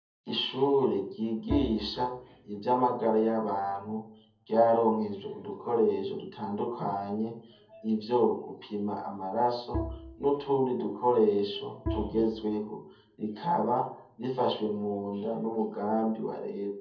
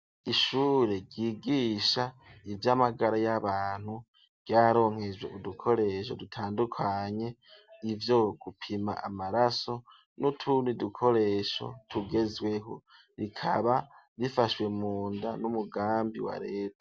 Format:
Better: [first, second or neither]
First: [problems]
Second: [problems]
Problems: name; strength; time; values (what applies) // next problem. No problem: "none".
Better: second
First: background sound (Bowed string instrument); 11 dB below the speech // room echo; dies away in 0.6 s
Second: none